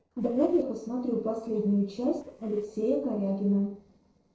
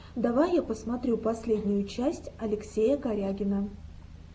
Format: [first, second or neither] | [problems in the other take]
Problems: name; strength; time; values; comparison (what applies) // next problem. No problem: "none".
second | noise reduction (neural separator model SepFormer DNS4)